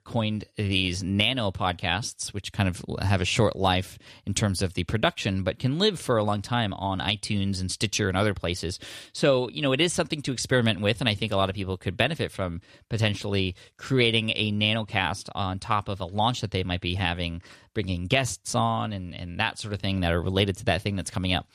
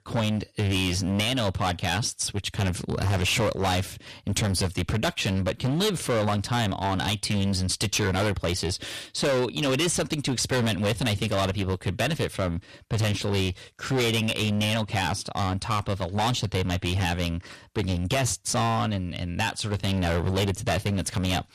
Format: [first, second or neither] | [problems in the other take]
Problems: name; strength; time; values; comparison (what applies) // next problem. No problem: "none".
first | distortion; heavy; 19% of the sound clipped